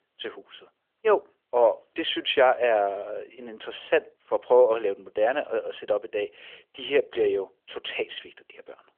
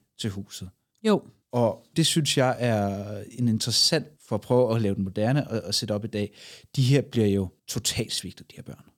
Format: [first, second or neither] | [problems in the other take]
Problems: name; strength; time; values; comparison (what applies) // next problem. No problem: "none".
second | phone-call audio; nothing above 3.5 kHz